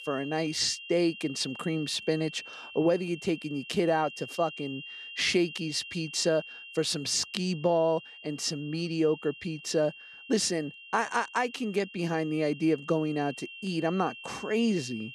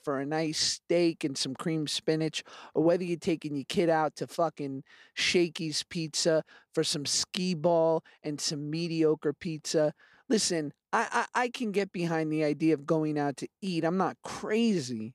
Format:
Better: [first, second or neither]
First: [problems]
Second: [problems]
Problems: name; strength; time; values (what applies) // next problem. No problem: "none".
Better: second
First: high-pitched whine; noticeable; throughout; 3 kHz, 15 dB below the speech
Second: none